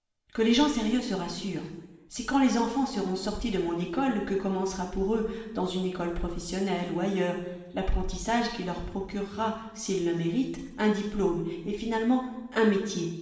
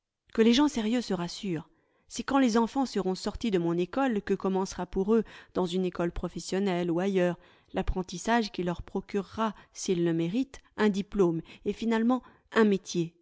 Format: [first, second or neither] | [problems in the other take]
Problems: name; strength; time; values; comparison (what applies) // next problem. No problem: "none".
second | room echo; dies away in 1 s